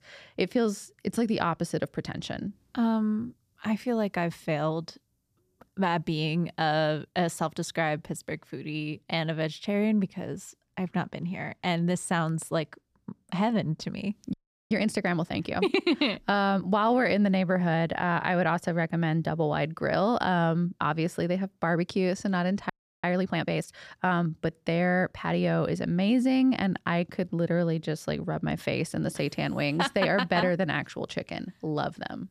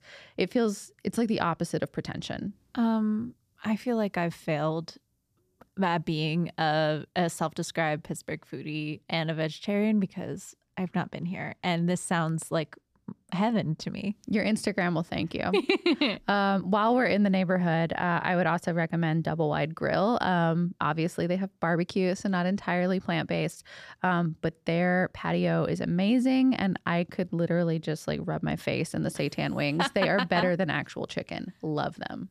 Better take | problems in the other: second | audio freezing; at 14 s and at 23 s

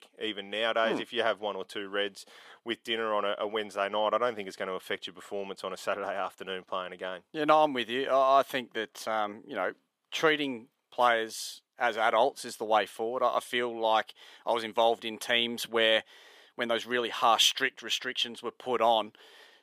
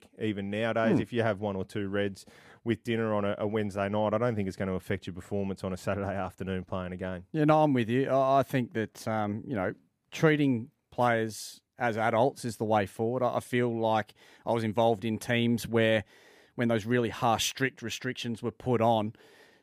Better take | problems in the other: second | thin; somewhat; fading below 450 Hz

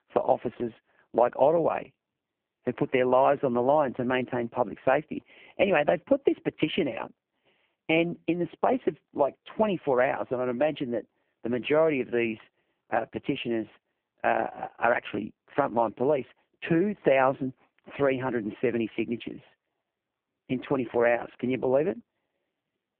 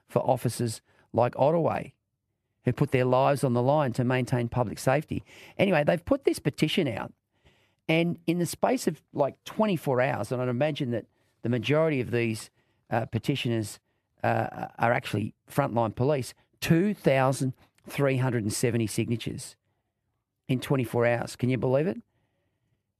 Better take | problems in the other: second | phone-call audio; poor line

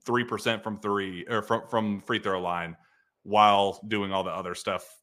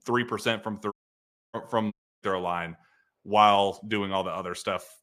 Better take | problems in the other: first | audio cutting out; at 1 s for 0.5 s and at 2 s

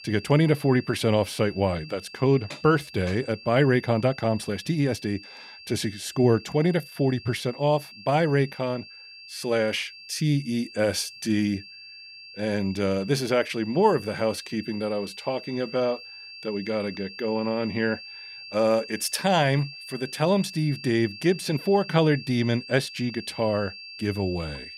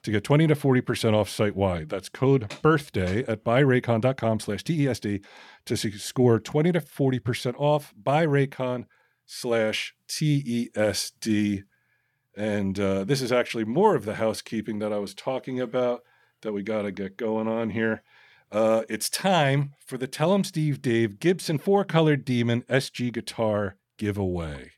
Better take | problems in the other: second | high-pitched whine; noticeable; throughout; 2.5 kHz, 15 dB below the speech

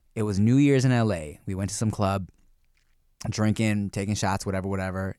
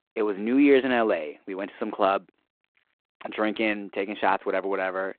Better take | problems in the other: first | phone-call audio

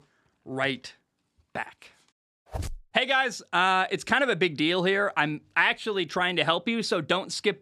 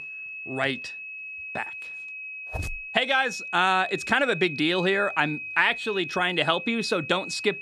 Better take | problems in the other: first | high-pitched whine; loud; throughout; 2.5 kHz, 9 dB below the speech

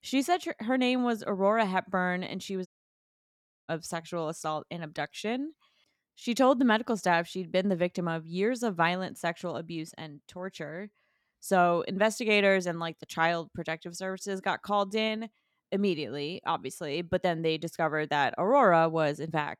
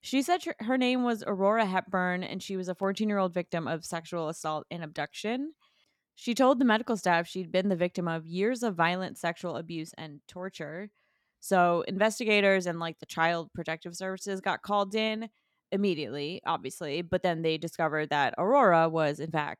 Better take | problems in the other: second | audio cutting out; at 2.5 s for 1 s

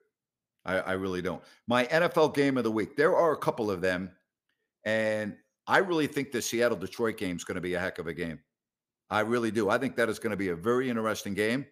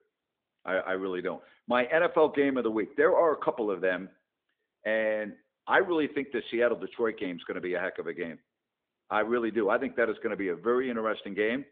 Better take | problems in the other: first | phone-call audio

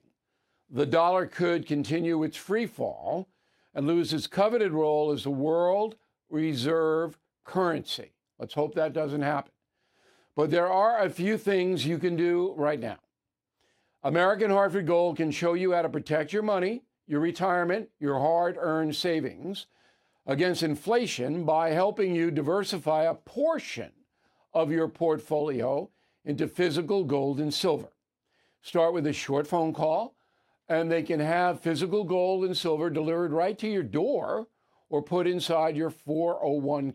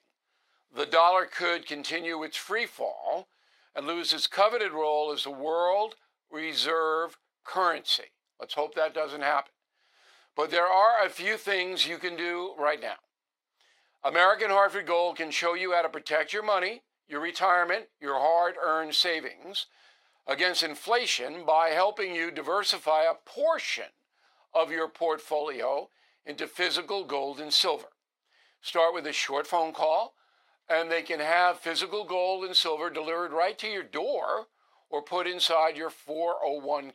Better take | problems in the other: first | thin; very; fading below 750 Hz

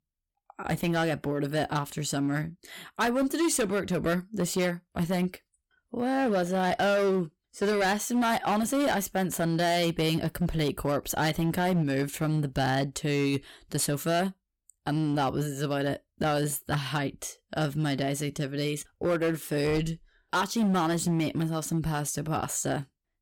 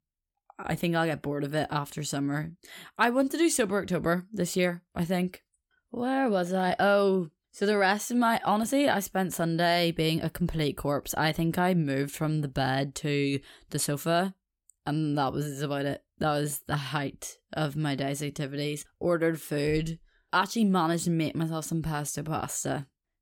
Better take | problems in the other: second | distortion; slight; 10% of the sound clipped

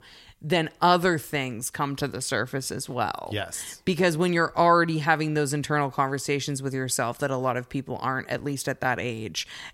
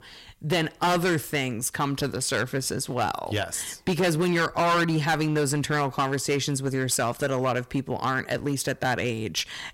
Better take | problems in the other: first | distortion; heavy; 9% of the sound clipped

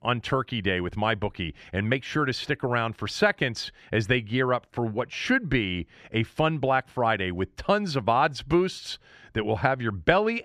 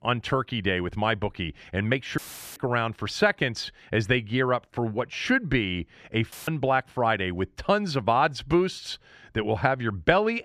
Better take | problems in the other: first | audio cutting out; filled with static; at 2 s and at 6.5 s

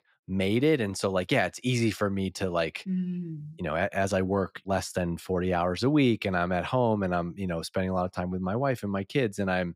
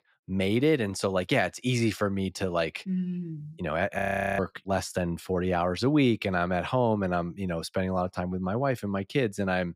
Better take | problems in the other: first | audio freezing; at 4 s

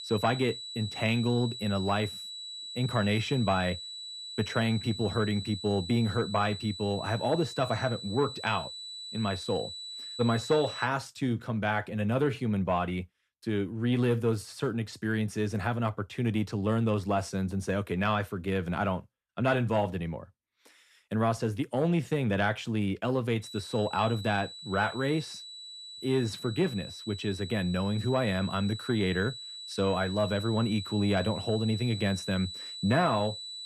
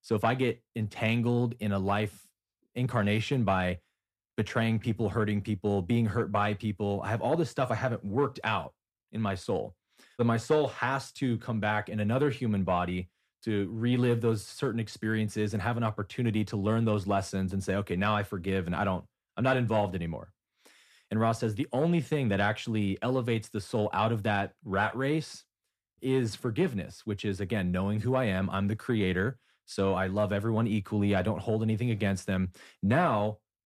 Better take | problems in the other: second | high-pitched whine; loud; until 11 s and from 23 s on; 4 kHz, 9 dB below the speech

